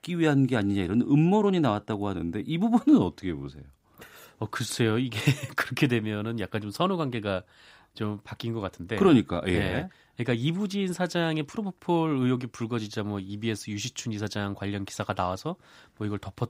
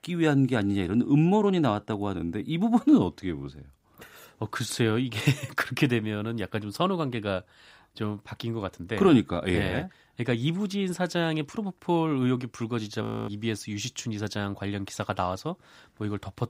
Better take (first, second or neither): first